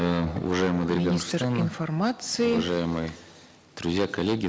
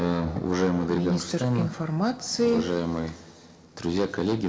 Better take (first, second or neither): first